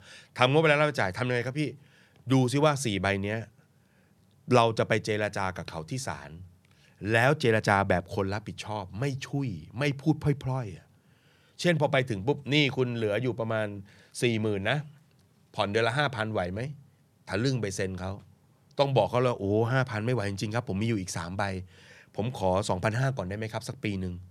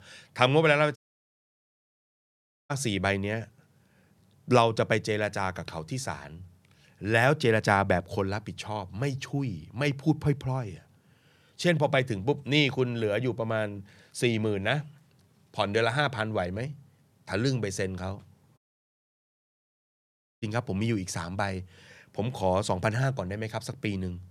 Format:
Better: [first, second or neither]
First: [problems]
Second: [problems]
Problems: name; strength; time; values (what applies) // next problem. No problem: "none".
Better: first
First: none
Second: audio cutting out; at 1 s for 1.5 s and at 19 s for 2 s